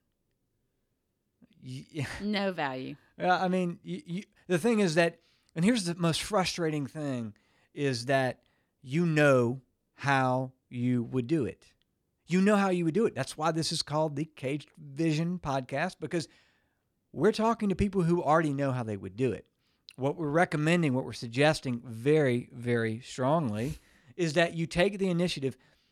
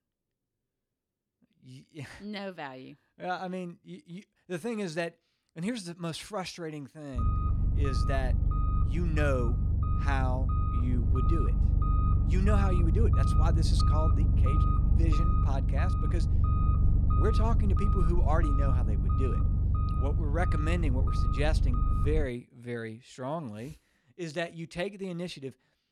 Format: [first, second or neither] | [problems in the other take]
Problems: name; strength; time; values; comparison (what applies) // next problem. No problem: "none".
first | low rumble; loud; from 7 to 22 s; 1 dB below the speech